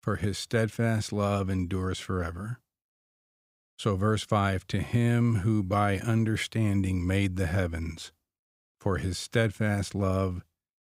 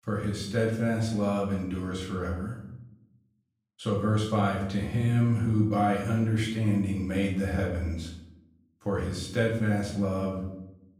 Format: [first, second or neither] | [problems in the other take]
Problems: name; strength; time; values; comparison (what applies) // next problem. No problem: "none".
first | off-mic speech; far // room echo; noticeable; dies away in 0.7 s